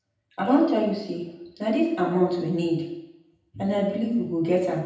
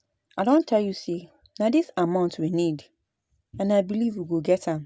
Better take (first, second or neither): second